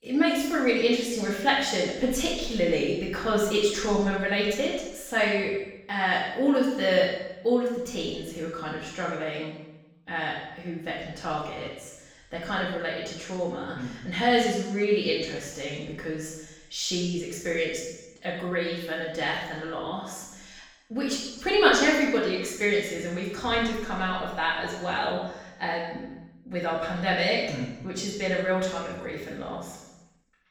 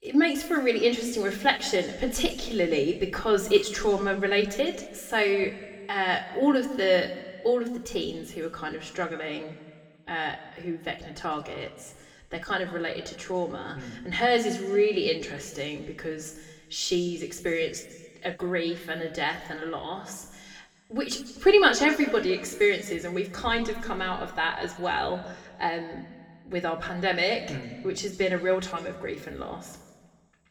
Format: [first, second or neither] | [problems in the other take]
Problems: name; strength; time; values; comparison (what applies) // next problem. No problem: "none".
second | room echo; strong; dies away in 0.9 s; slight in the second // off-mic speech; far